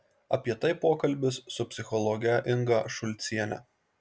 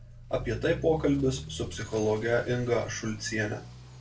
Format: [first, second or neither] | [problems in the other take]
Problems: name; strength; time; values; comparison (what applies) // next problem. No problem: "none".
first | background sound (Accelerating, revving, vroom / Motor vehicle (road)); 12 dB below the speech // room echo; dies away in 0.2 s